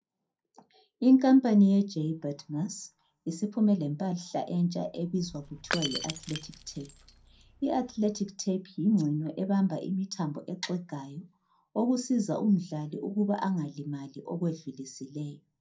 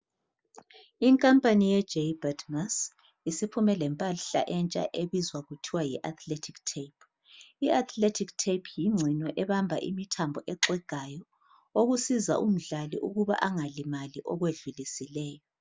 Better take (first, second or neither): second